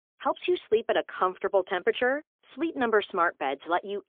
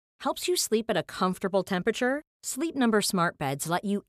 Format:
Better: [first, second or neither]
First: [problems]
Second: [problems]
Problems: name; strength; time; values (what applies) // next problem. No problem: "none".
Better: second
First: phone-call audio; poor line; nothing above 3.5 kHz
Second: none